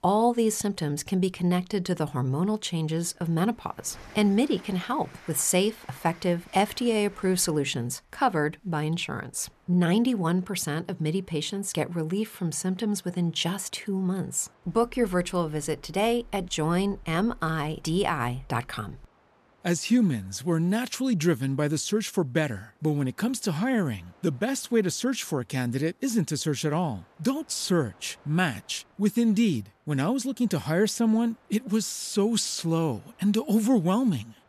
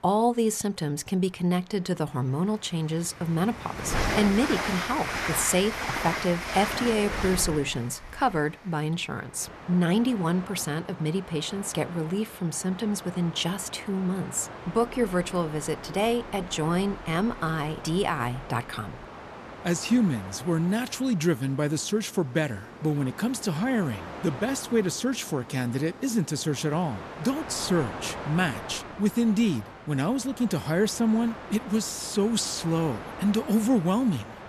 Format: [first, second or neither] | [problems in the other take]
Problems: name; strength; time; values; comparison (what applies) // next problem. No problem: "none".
first | train or aircraft noise; loud; throughout; 10 dB below the speech; faint in the first